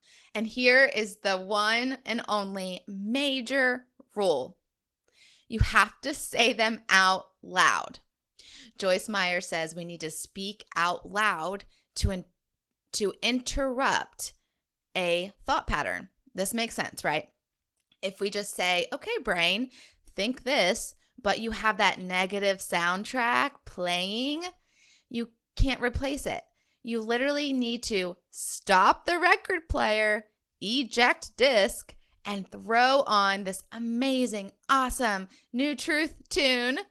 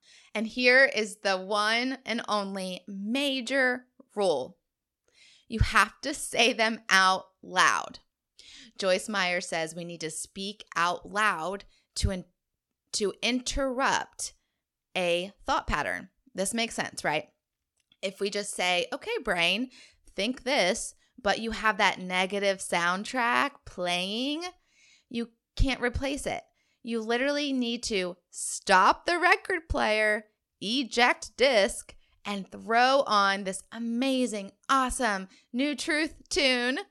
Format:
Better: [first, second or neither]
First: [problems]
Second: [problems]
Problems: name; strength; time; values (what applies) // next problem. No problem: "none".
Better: second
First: garbled, watery; slightly; nothing above 17.5 kHz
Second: none